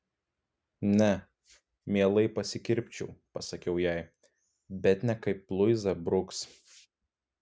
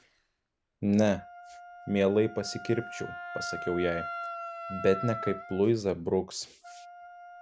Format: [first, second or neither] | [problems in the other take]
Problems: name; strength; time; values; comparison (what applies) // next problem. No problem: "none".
first | background sound (Wind instrument, woodwind instrument); 11 dB below the speech